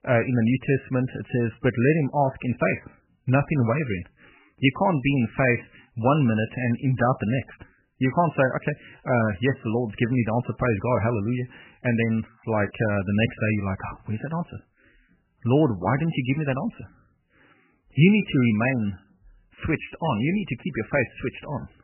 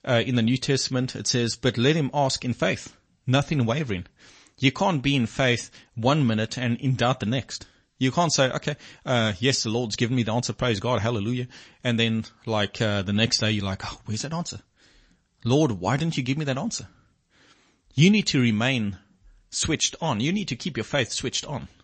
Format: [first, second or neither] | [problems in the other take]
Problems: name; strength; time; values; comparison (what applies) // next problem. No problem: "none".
second | garbled, watery; badly; nothing above 3 kHz; slightly in the second